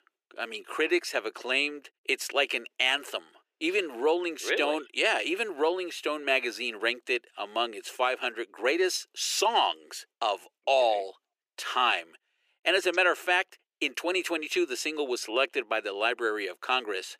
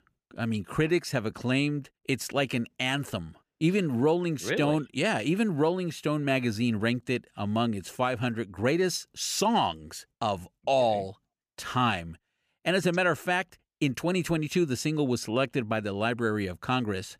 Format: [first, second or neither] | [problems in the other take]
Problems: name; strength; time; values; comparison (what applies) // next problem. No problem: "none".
second | thin; very; fading below 350 Hz